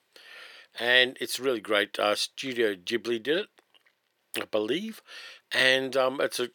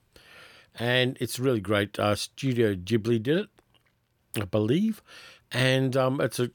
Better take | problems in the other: second | thin; somewhat; fading below 450 Hz

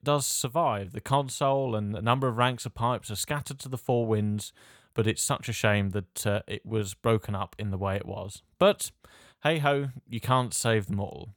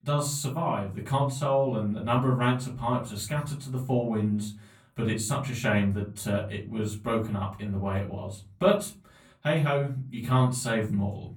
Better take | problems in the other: first | off-mic speech; far // room echo; slight; dies away in 0.4 s

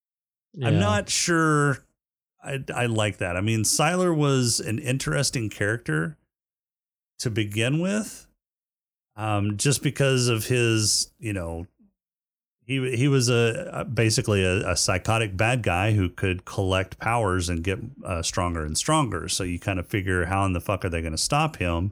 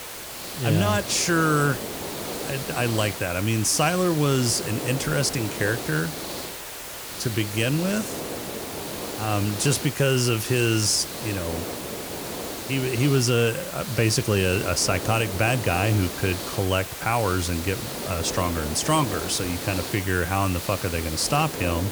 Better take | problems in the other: first | hiss; loud; throughout; 7 dB below the speech

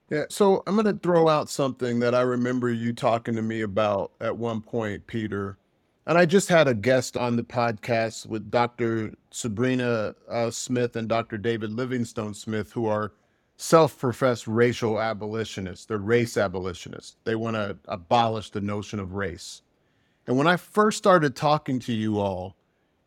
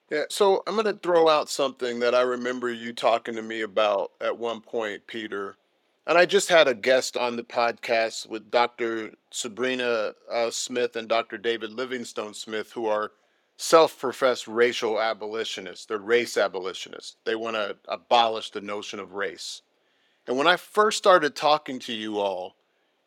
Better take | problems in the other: first | thin; somewhat; fading below 450 Hz

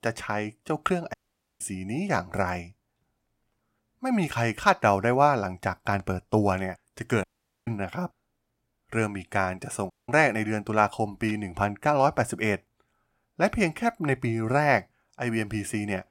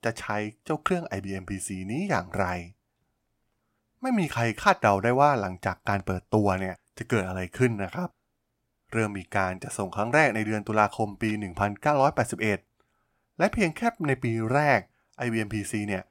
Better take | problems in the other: second | audio cutting out; at 1 s, at 7 s and at 10 s

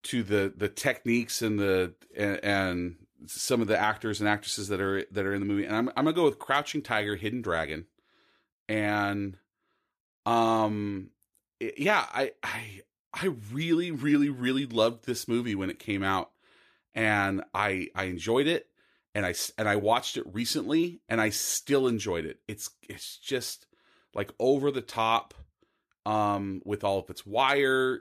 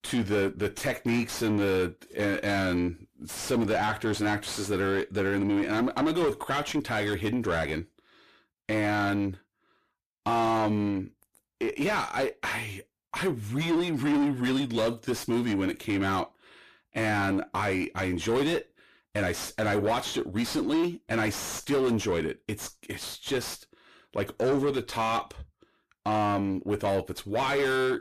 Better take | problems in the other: first | distortion; heavy; 6 dB below the speech

